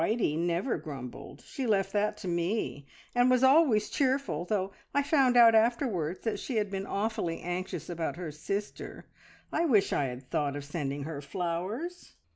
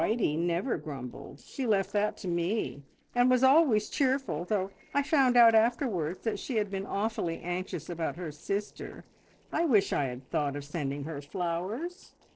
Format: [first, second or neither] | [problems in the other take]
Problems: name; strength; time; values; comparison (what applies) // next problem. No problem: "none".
first | noise reduction (neural separator model SepFormer DNS4)